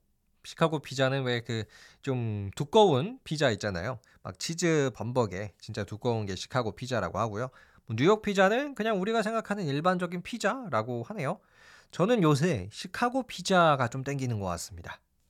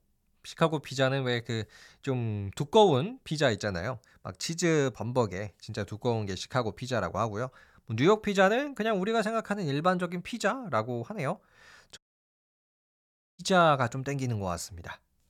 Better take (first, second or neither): first